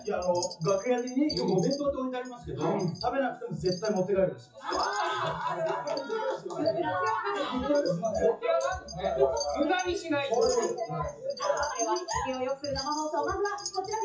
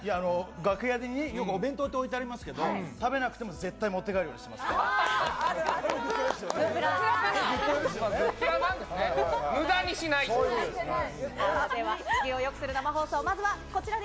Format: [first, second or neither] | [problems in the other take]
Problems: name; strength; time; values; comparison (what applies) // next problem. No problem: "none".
second | noise reduction (classical method WPE with log-MMSE)